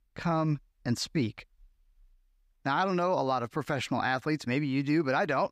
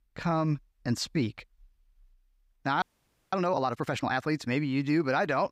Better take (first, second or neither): first